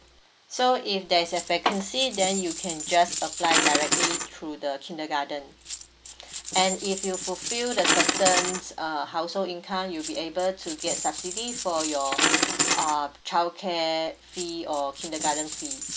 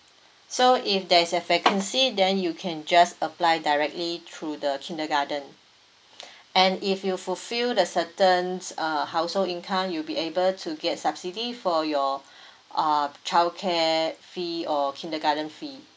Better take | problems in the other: second | background sound (Coin (dropping)); 2 dB below the speech

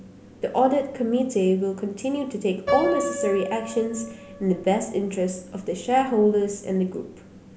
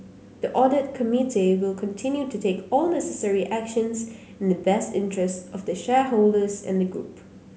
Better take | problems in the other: second | background sound (Piano); 10 dB below the speech

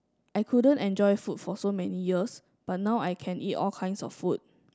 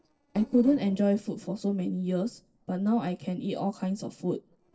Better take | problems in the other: first | noise reduction (neural separator model SepFormer DNS4)

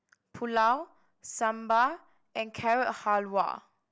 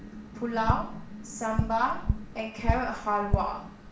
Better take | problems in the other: first | background sound (Tap); 1 dB below the speech // room echo; dies away in 0.6 s

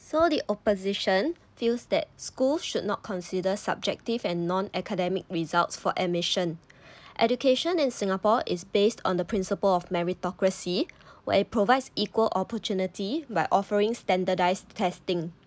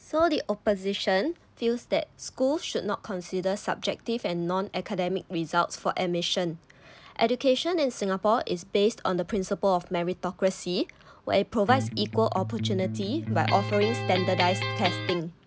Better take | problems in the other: first | background sound (Electric guitar); 3 dB below the speech

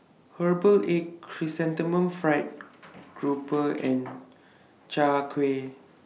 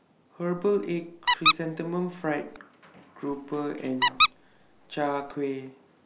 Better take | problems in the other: first | background sound (Squeak); 2 dB above the speech

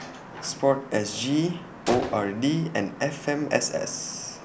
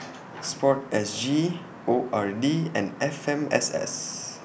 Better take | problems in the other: second | background sound (Gunshot, gunfire); 15 dB below the speech

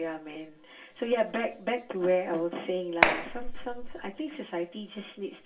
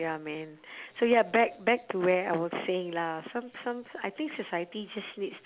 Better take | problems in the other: second | background sound (Clapping); 3 dB above the speech // room echo; dies away in 0.2 s

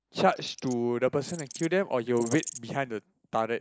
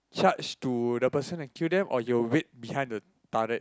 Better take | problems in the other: second | noise reduction (neural mask model Resemble Enhance denoiser)

